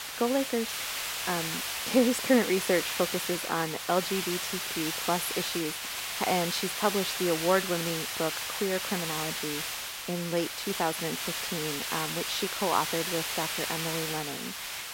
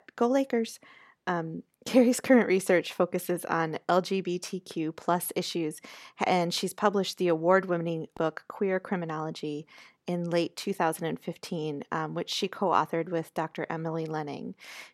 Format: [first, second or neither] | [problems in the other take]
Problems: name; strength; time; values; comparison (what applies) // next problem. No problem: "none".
second | hiss; loud; throughout; 1 dB below the speech